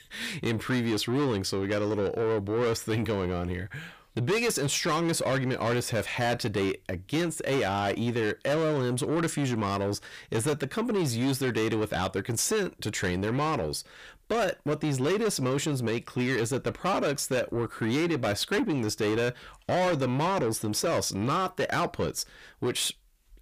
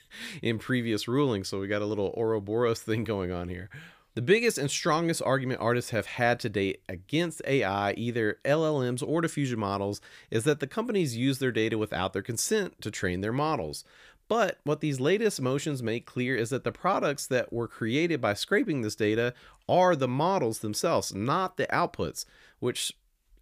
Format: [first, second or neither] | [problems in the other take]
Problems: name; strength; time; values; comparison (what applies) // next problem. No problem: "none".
second | distortion; heavy; 8 dB below the speech